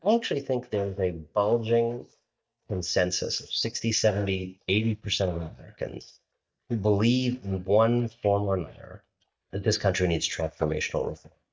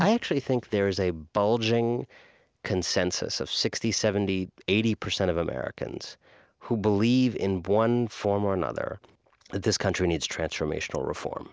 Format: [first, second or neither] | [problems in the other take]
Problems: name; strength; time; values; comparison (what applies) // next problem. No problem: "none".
second | noise reduction (neural mask model DeepFilterNet 3)